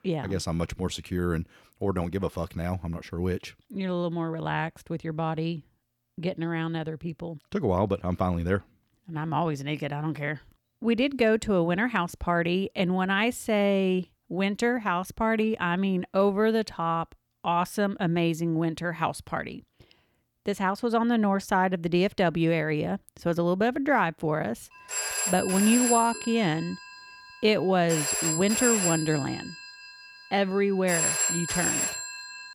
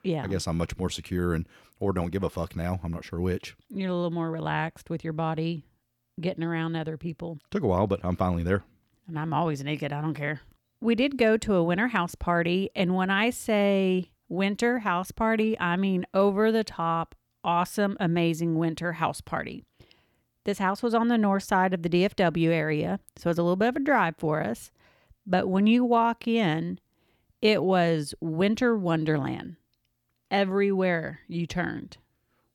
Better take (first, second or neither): second